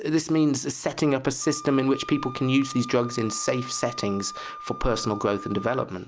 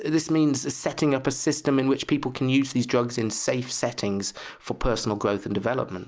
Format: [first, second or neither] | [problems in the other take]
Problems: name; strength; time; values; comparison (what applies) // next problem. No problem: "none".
second | background sound (Wind instrument, woodwind instrument); 15 dB below the speech